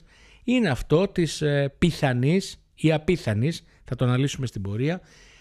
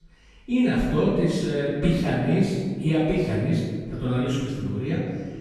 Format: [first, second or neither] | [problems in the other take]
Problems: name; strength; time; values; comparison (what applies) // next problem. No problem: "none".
first | off-mic speech; far // room echo; strong; dies away in 1.6 s